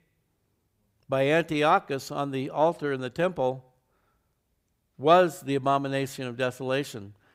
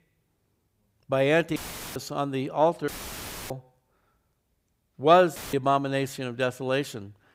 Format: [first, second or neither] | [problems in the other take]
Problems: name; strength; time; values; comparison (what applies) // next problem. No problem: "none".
first | audio cutting out; filled with static; at 1.5 s, at 3 s for 0.5 s and at 5.5 s